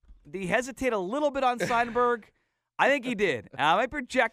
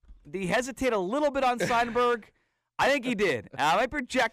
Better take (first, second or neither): first